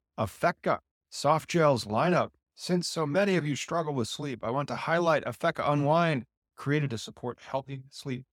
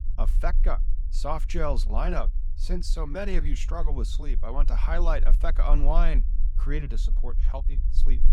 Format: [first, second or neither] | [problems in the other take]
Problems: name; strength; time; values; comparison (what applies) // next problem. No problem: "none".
first | low rumble; noticeable; throughout; 20 dB below the speech